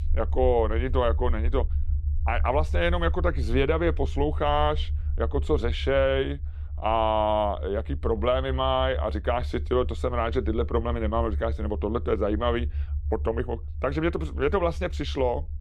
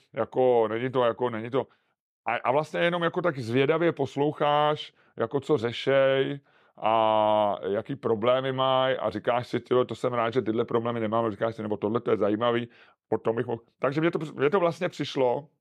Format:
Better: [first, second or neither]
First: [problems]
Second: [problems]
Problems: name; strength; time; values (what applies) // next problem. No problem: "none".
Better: second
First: low rumble; faint; throughout; 25 dB below the speech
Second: none